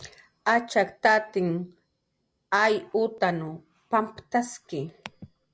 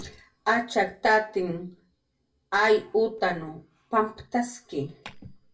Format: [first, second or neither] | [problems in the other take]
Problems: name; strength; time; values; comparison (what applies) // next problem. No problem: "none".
first | room echo; dies away in 0.2 s